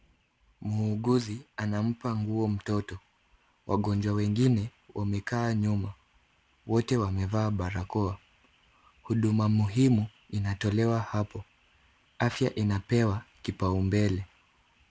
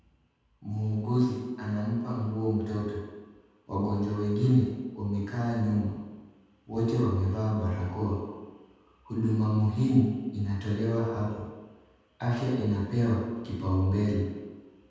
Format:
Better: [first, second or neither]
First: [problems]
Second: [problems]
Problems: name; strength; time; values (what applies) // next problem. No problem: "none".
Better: first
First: none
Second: room echo; dies away in 1.2 s